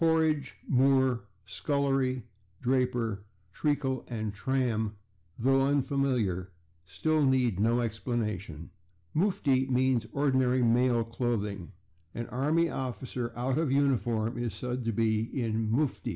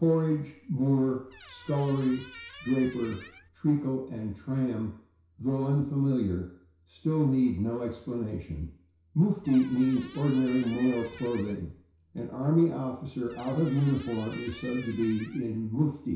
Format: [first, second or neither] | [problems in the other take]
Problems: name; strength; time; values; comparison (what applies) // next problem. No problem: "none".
first | background sound (Squeak); 20 dB below the speech // room echo; dies away in 0.6 s